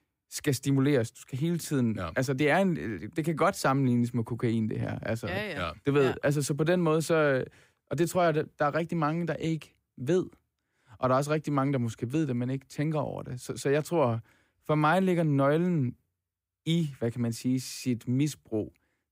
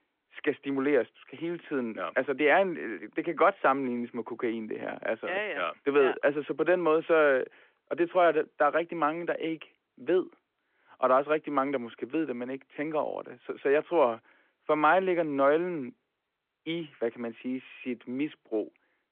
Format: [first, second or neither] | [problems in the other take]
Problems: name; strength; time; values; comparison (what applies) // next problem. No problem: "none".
first | phone-call audio